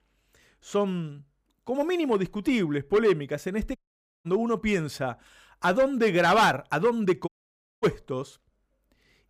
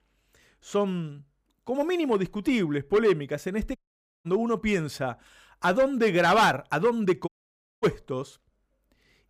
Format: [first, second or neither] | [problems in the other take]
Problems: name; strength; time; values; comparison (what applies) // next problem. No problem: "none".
neither | audio cutting out; at 4 s and at 7.5 s for 0.5 s; the same in both